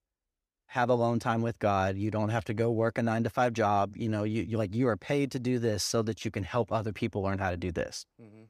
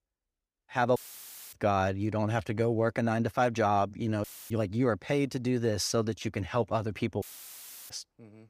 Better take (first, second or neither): first